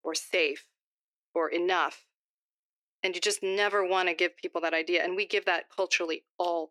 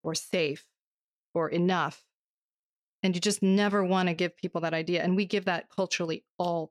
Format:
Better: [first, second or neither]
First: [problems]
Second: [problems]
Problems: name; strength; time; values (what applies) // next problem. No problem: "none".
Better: second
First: thin; very; fading below 350 Hz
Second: none